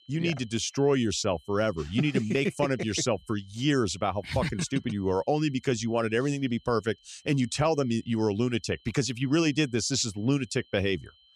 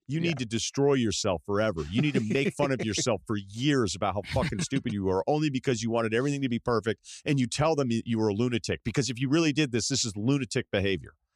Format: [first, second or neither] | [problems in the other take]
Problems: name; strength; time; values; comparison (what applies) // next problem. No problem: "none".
second | high-pitched whine; faint; throughout; 3 kHz, 30 dB below the speech